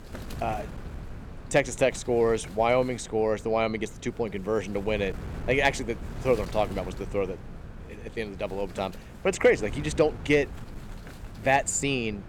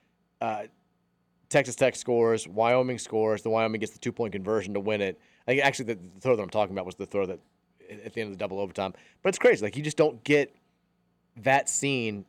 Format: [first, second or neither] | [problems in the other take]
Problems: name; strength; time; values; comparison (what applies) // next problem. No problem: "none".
second | wind noise on the microphone; occasional gusts; 20 dB below the speech